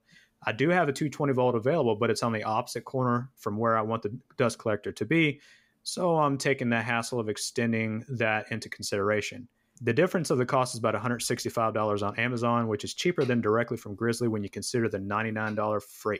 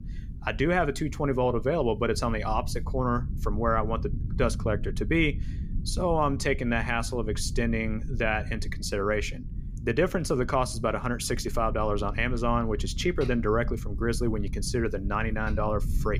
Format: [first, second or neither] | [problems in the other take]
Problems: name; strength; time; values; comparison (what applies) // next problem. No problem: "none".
first | low rumble; faint; throughout; 20 dB below the speech